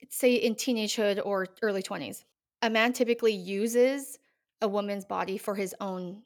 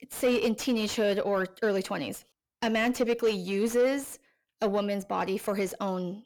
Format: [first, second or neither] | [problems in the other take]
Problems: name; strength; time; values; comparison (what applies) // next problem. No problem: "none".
first | distortion; slight; 10 dB below the speech